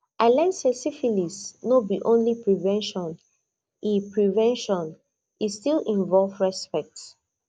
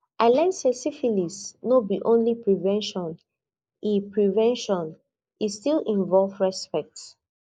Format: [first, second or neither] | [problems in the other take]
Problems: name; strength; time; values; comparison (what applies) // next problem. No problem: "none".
first | noise reduction (neural mask model Resemble Enhance denoiser)